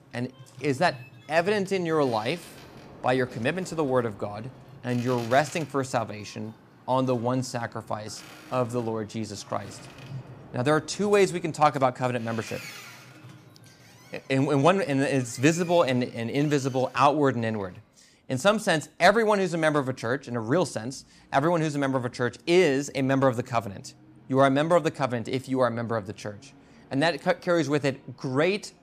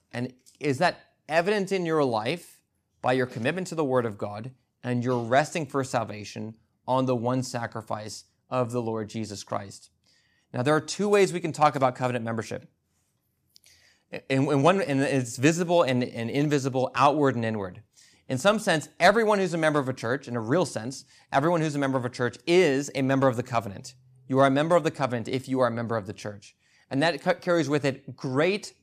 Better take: second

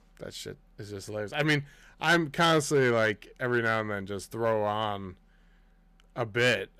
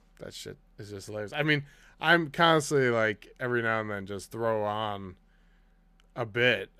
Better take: second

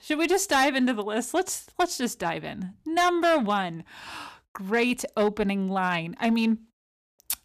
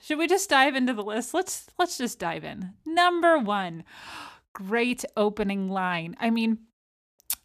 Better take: second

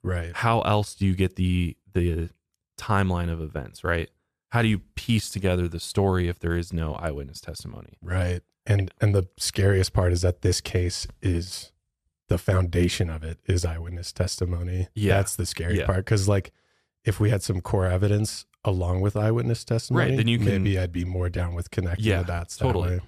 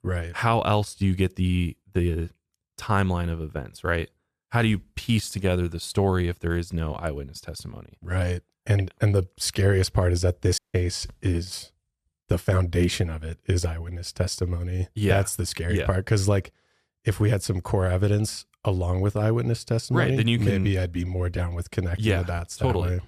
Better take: first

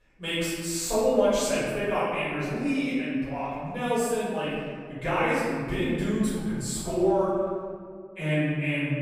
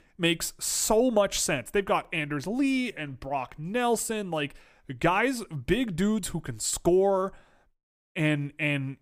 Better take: second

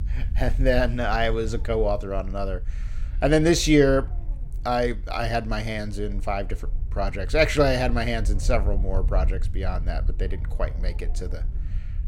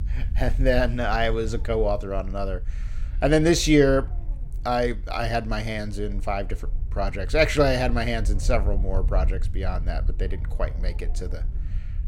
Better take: neither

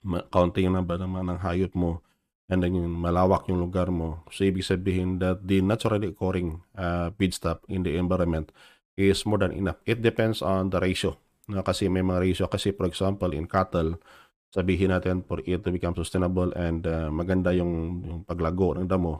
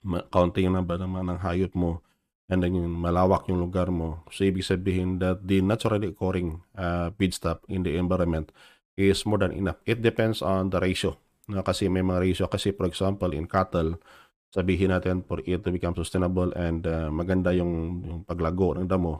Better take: neither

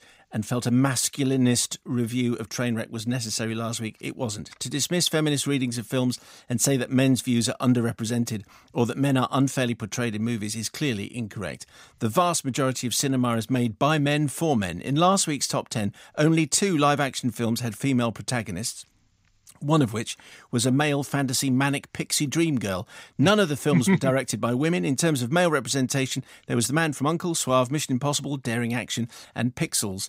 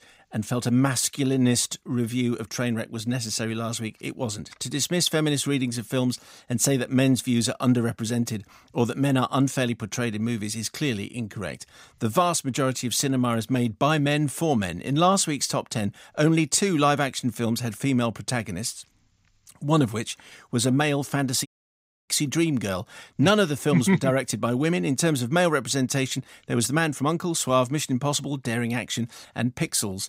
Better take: first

